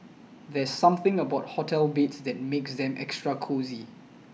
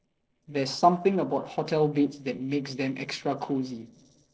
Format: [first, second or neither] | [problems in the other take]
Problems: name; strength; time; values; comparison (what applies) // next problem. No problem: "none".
first | noise reduction (neural separator model SepFormer DNS4)